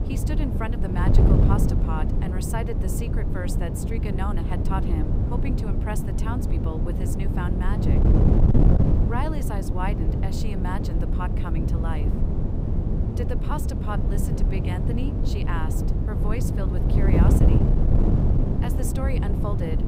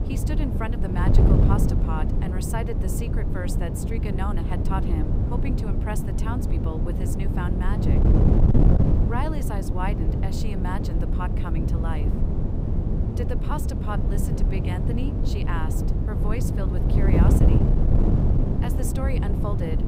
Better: neither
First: wind noise on the microphone; heavy; 1 dB above the speech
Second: wind noise on the microphone; heavy; 1 dB above the speech

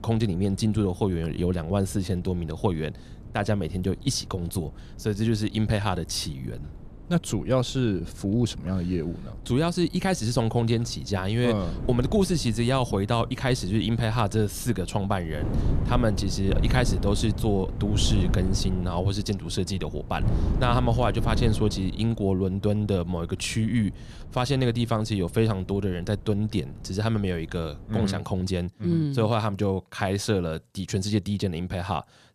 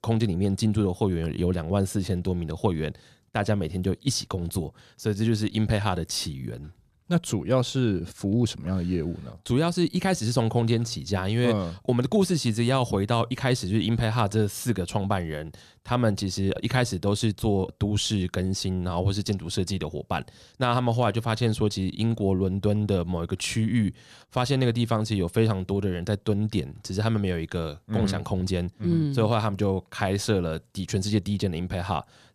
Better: second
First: wind noise on the microphone; occasional gusts; until 28 s; 15 dB below the speech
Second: none

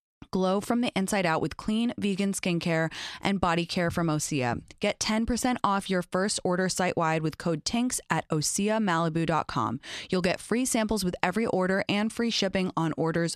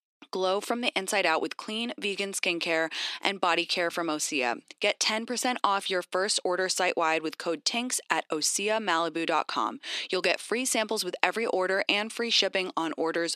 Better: first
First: none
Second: thin; somewhat; fading below 300 Hz

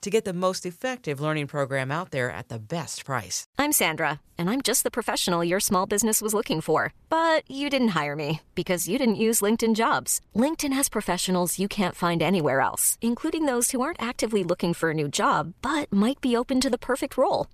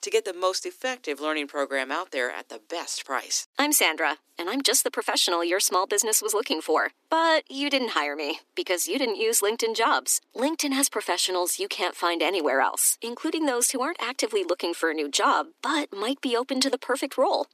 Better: first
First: none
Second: thin; very slightly; fading below 250 Hz

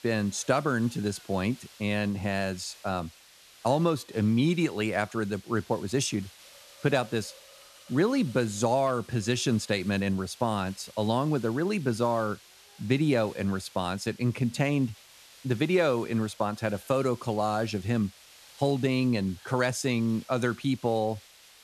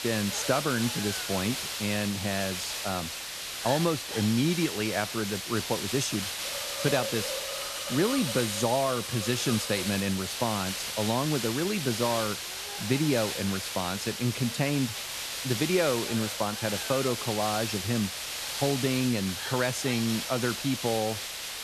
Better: first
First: hiss; faint; throughout; 20 dB below the speech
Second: hiss; loud; throughout; 3 dB below the speech

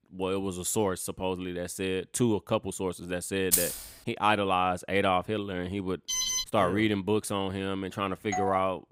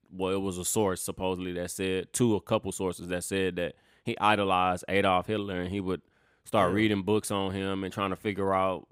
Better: second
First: jangling keys; loud; at 3.5 s; peak 4 dB above the speech // alarm; loud; at 6 s; peak 3 dB above the speech // doorbell; noticeable; at 8.5 s; peak 4 dB below the speech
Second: none

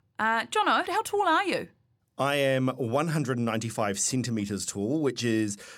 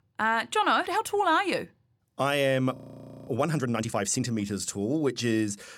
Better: first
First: none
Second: audio freezing; at 3 s for 0.5 s

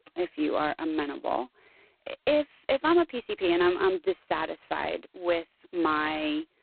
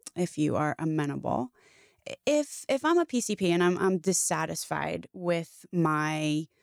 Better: second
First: phone-call audio; poor line; nothing above 4 kHz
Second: none

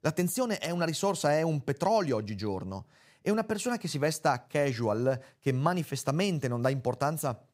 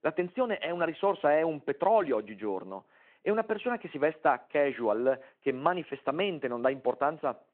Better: first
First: none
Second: phone-call audio

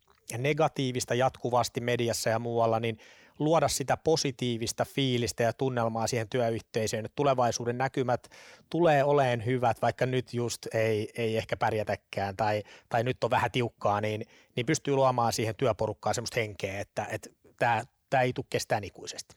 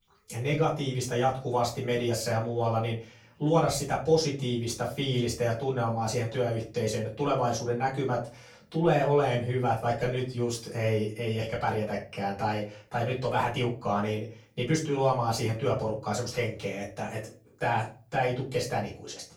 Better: first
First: none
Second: room echo; slight; dies away in 0.3 s // off-mic speech; far

